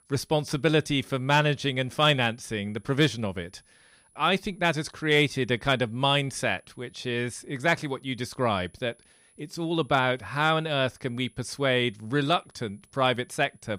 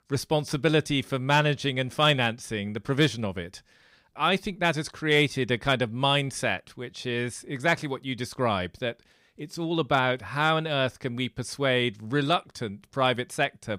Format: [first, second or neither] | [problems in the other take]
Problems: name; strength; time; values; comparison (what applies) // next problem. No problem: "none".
second | high-pitched whine; faint; throughout; 10.5 kHz, 35 dB below the speech